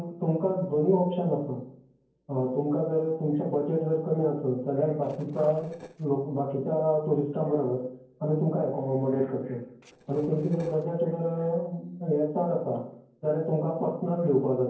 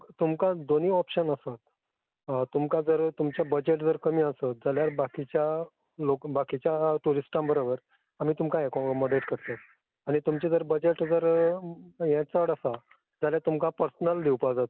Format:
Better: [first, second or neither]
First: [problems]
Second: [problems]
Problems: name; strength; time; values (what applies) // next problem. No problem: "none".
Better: second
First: noise reduction (neural separator model SepFormer DNS4)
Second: none